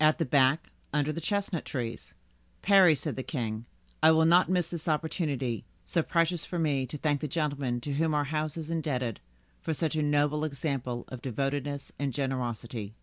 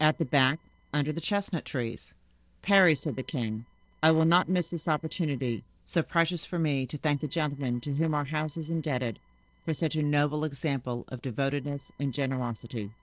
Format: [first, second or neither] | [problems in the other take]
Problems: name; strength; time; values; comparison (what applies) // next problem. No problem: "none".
first | noise reduction (neural separator model SepFormer DNS4)